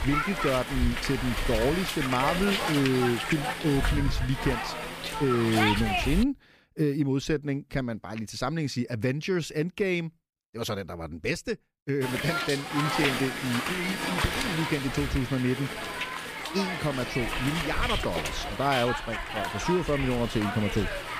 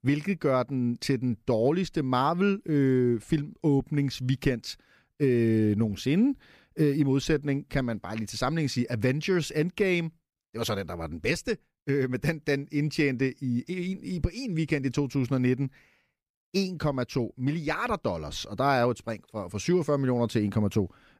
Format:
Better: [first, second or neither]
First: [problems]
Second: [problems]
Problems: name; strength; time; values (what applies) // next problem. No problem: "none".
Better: second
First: hiss; loud; until 6 s and from 12 s on; 1 dB below the speech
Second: none